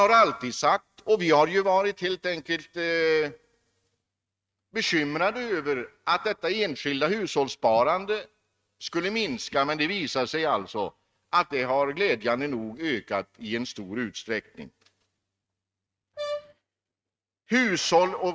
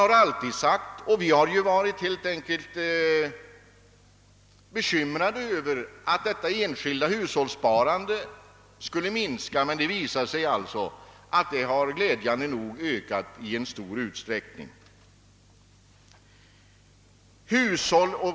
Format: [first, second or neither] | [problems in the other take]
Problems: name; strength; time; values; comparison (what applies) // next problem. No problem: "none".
second | noise reduction (neural mask model RNNoise)